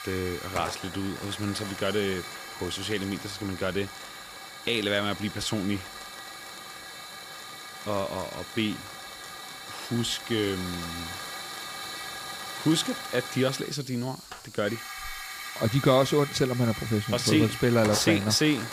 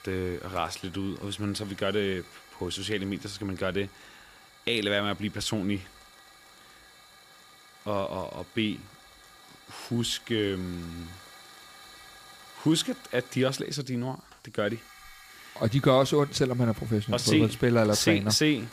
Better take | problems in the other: second | hiss; loud; throughout; 9 dB below the speech; faint in the second

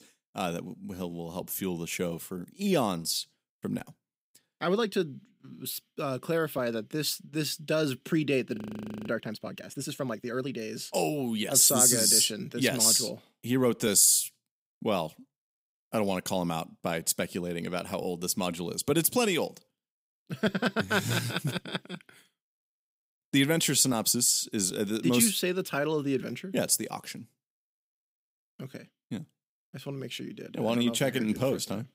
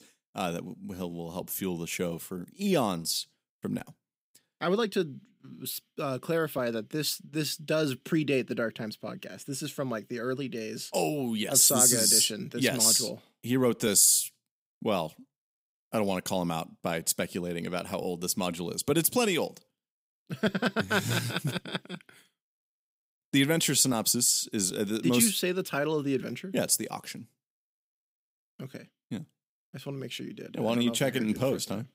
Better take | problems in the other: second | audio freezing; at 8.5 s for 0.5 s

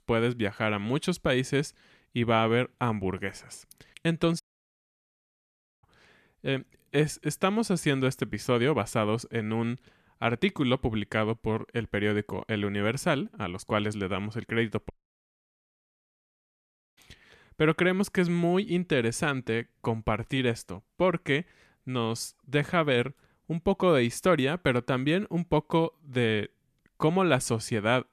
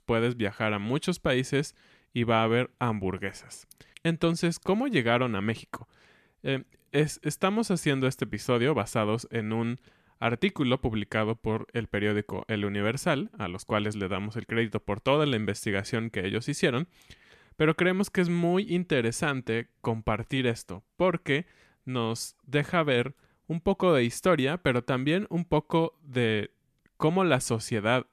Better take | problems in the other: second | audio cutting out; at 4.5 s for 1.5 s and at 15 s for 2 s

